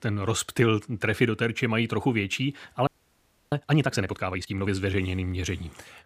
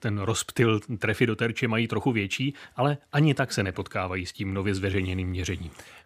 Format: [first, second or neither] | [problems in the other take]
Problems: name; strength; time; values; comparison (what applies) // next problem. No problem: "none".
second | audio freezing; at 3 s for 0.5 s